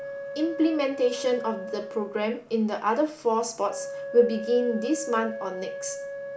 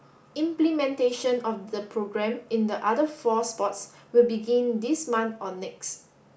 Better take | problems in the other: second | background sound (Wind instrument, woodwind instrument); 10 dB below the speech

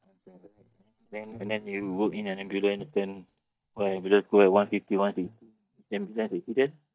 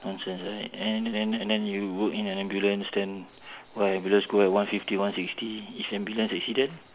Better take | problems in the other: second | noise reduction (neural mask model DeepFilterNet 3)

